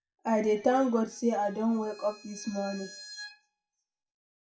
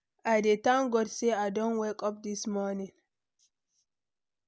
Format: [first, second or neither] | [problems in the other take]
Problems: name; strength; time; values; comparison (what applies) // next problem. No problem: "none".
second | noise reduction (classical method WPE with log-MMSE)